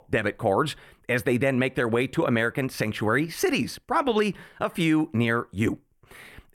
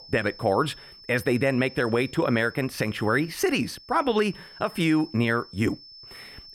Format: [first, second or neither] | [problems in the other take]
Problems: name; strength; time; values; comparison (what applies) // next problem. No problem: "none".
first | high-pitched whine; noticeable; throughout; 5.5 kHz, 20 dB below the speech